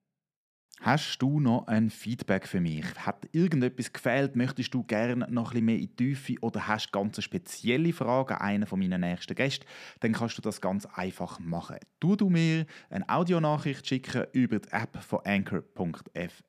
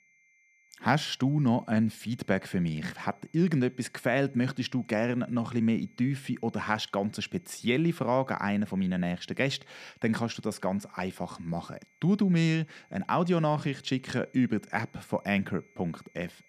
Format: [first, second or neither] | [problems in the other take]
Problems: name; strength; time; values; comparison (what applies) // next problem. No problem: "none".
first | high-pitched whine; faint; throughout; 2 kHz, 35 dB below the speech